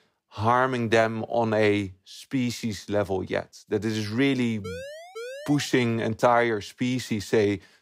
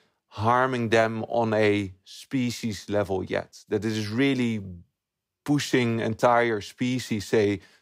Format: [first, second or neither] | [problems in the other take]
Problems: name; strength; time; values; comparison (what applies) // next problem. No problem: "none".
second | siren; faint; from 4.5 to 5.5 s; peak 10 dB below the speech